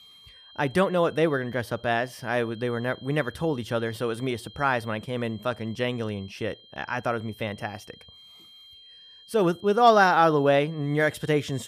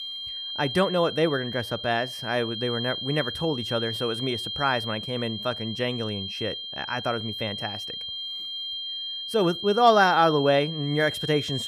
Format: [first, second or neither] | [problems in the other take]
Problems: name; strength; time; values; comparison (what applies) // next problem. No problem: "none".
first | high-pitched whine; loud; throughout; 3 kHz, 6 dB below the speech; faint in the first